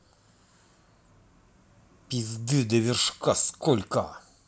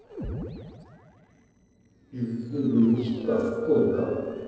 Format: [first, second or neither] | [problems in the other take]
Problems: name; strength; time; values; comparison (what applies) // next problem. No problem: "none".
first | noise reduction (neural separator model SepFormer DNS4)